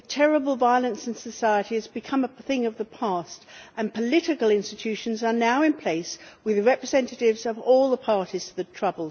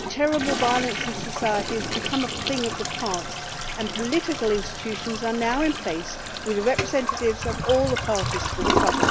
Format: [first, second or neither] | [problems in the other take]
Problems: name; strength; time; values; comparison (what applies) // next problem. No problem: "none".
first | background sound (Toilet flush); 2 dB below the speech